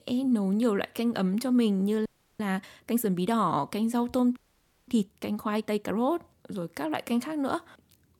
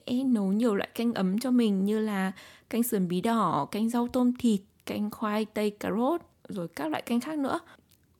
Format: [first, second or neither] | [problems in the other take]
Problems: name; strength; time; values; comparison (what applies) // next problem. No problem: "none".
second | audio freezing; at 2 s and at 4.5 s for 0.5 s